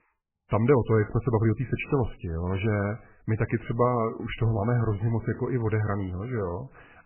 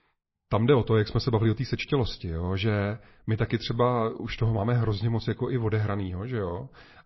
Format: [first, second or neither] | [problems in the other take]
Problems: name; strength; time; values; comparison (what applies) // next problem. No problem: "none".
second | garbled, watery; badly; nothing above 3 kHz; slightly in the second